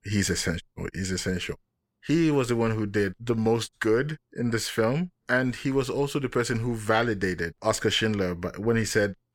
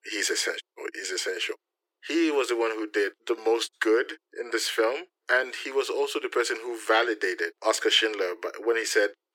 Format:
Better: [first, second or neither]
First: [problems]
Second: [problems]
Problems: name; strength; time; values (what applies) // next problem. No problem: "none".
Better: first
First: none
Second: thin; very; fading below 350 Hz